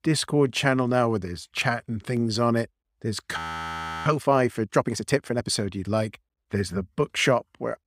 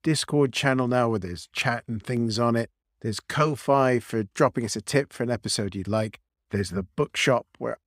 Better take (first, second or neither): second